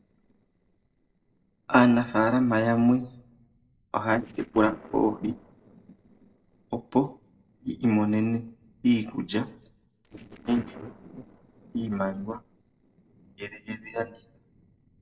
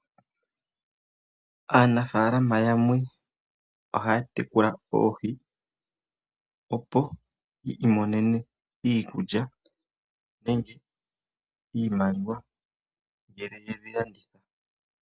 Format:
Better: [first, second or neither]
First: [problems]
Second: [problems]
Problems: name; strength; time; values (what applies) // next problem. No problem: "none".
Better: second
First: noise reduction (neural separator model SepFormer DNS4)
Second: none